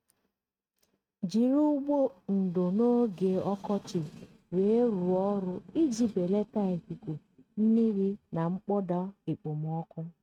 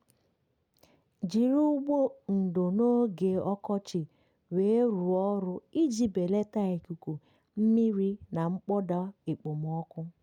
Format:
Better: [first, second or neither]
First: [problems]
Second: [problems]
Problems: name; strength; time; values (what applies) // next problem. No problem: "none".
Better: second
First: noise reduction (neural mask model RNNoise)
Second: none